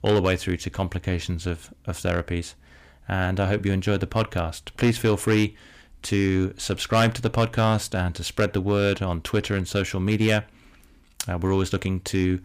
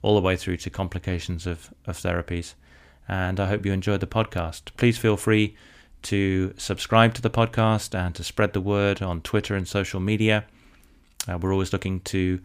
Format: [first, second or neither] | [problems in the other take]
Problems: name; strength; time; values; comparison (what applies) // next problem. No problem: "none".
second | distortion; slight; 3% of the sound clipped